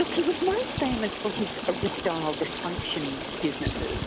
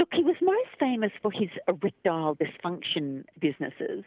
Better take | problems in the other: second | background sound (Stream); 4 dB below the speech

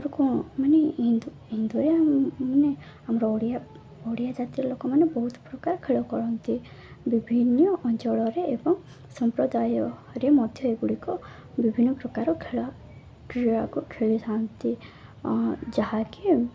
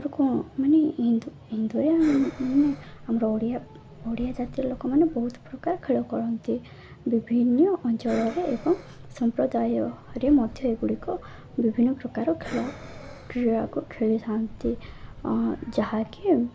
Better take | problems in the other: first | background sound (Breathing); 17 dB below the speech

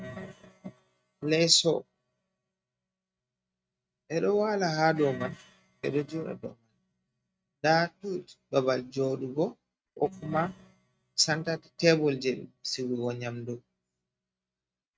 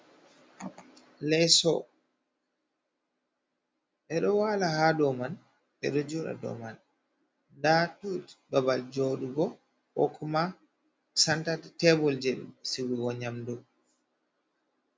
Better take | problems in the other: second | noise reduction (neural mask model RNNoise)

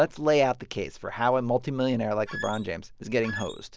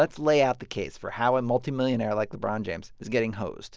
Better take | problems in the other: second | background sound (Squeak); 12 dB below the speech

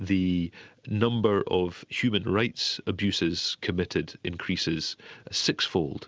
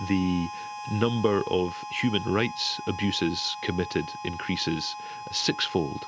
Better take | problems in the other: first | background sound (Harmonica); 10 dB below the speech

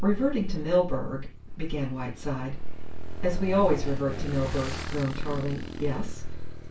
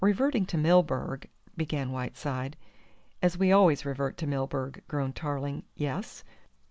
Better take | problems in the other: second | background sound (Motorcycle / Engine); 14 dB below the speech // room echo; dies away in 0.2 s

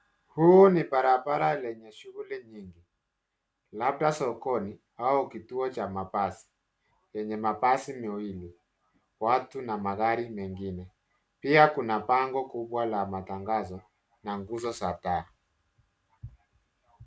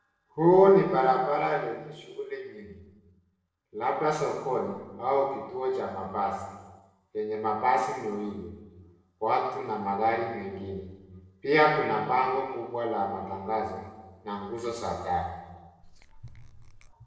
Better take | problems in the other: first | noise reduction (neural separator model SepFormer DNS4)

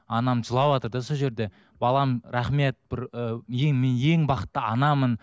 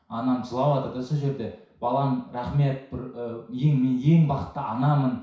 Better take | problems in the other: first | room echo; dies away in 0.6 s

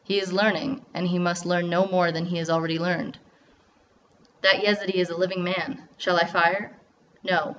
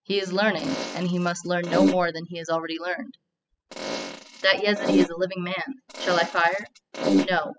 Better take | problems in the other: first | noise reduction (classical method spectral subtraction)

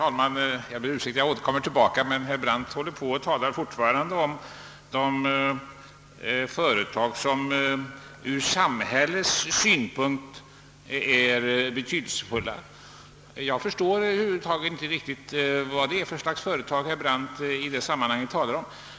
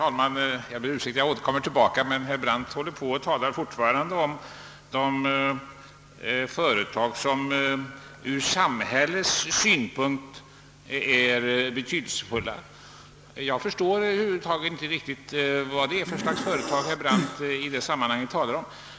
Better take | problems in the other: first | background sound (Breathing); 4 dB below the speech

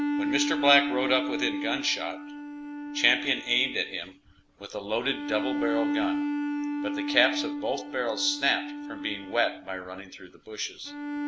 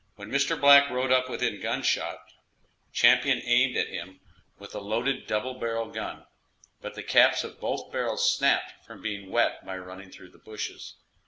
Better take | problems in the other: second | background sound (Bowed string instrument); 3 dB below the speech

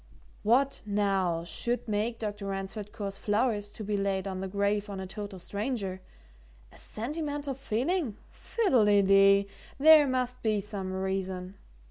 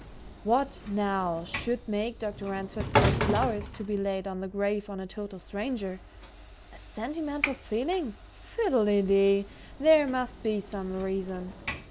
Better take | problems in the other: first | background sound (Sliding door / Train); 6 dB below the speech

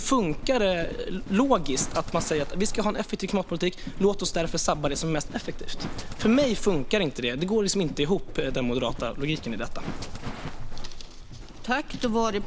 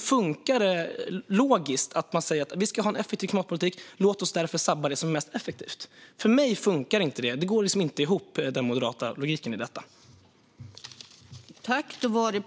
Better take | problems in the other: second | background sound (Livestock, farm animals, working animals); 5 dB below the speech

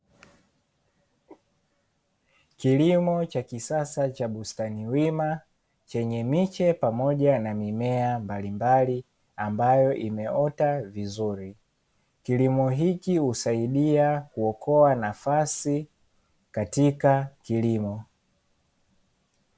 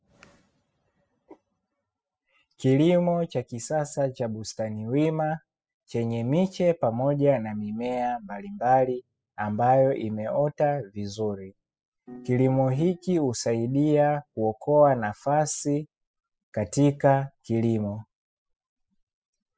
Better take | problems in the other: first | noise reduction (classical method spectral subtraction)

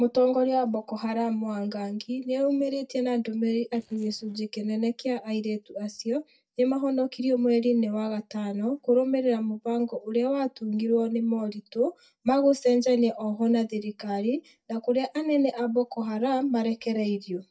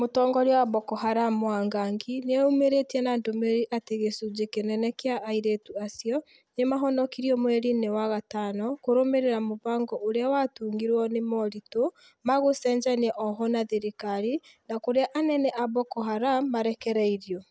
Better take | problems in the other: second | noise reduction (neural mask model DeepFilterNet 3)

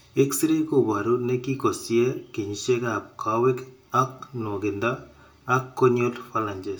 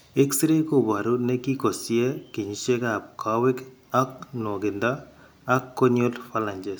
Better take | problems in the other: second | room echo; dies away in 0.2 s

